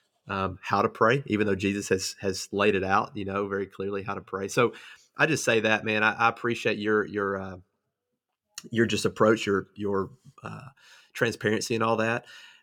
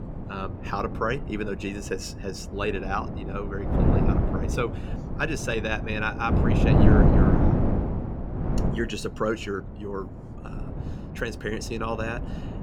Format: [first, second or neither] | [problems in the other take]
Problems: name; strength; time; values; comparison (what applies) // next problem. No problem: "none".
first | wind noise on the microphone; heavy; 2 dB below the speech